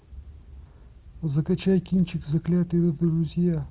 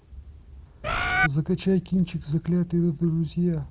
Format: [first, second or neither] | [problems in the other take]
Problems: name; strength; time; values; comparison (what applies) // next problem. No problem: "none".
first | background sound (Bird); 2 dB above the speech